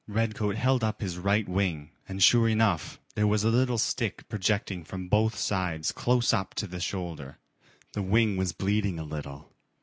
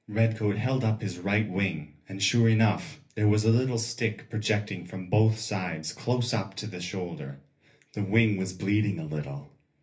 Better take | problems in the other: first | room echo; dies away in 0.3 s

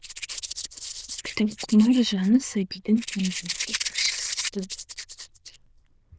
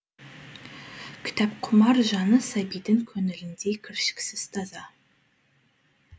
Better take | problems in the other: second | noise reduction (neural diffusion model UNIVERSE++)

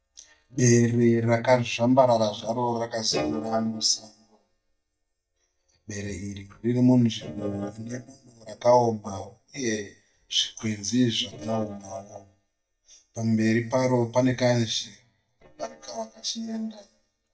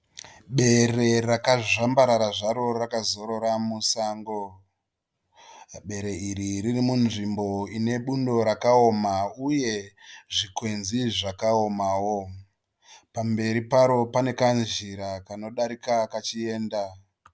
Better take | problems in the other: second | noise reduction (neural mask model DeepFilterNet 3)

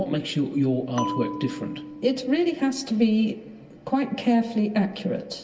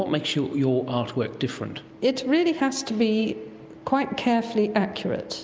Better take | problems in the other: second | background sound (Bell); 11 dB below the speech // room echo; dies away in 0.2 s

